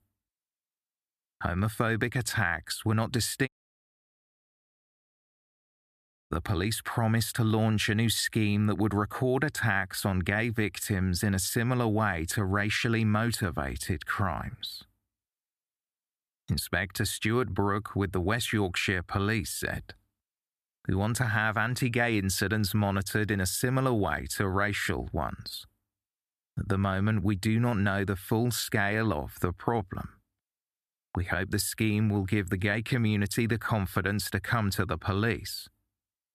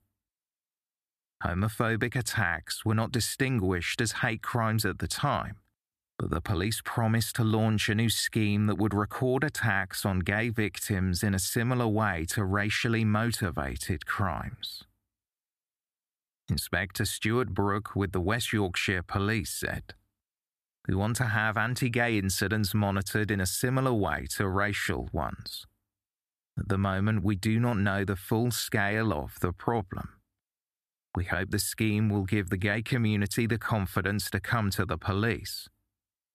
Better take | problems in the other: second | audio cutting out; at 3.5 s for 3 s

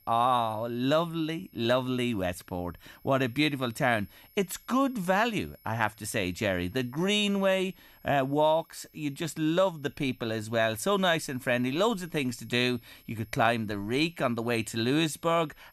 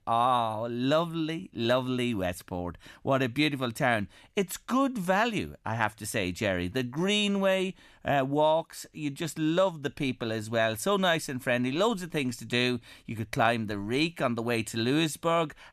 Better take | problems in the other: second | high-pitched whine; faint; throughout; 11.5 kHz, 30 dB below the speech

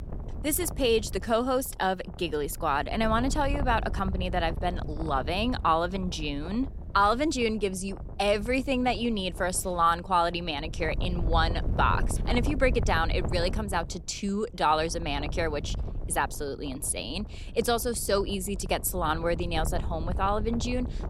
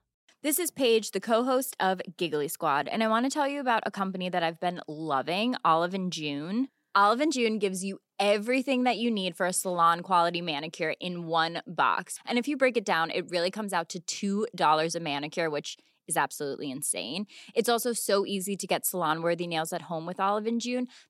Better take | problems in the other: second | wind noise on the microphone; occasional gusts; 15 dB below the speech

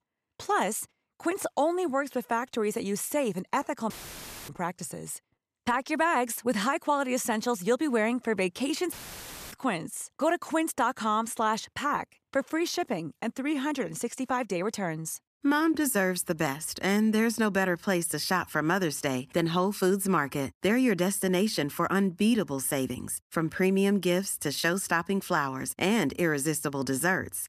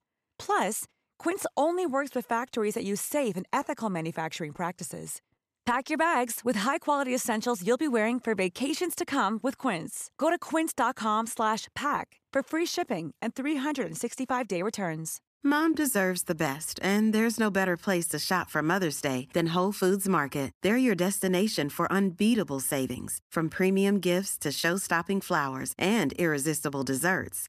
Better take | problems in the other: second | audio cutting out; filled with static; at 4 s for 0.5 s and at 9 s for 0.5 s

